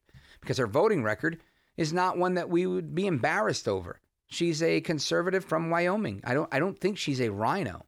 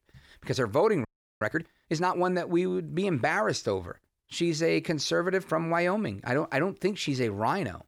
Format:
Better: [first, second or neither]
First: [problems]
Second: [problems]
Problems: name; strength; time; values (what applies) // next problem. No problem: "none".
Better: first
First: none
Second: audio freezing; at 1 s